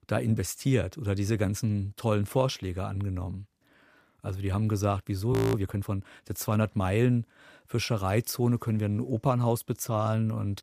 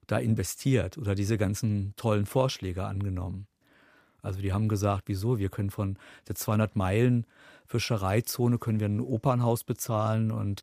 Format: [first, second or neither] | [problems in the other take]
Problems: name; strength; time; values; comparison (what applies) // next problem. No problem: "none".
second | audio freezing; at 5.5 s